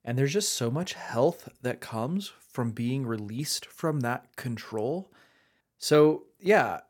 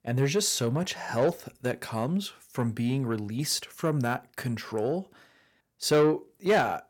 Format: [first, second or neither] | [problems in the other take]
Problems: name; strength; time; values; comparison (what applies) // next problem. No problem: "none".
first | distortion; slight; 10 dB below the speech